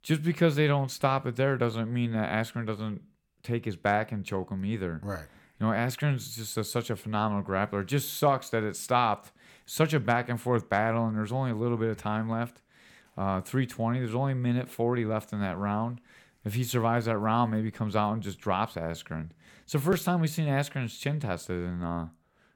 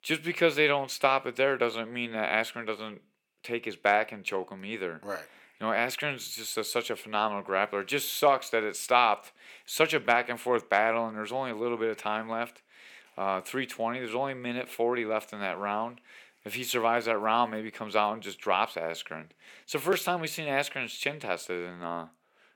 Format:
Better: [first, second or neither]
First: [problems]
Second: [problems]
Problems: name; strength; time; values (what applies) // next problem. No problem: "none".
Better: first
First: none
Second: thin; somewhat; fading below 450 Hz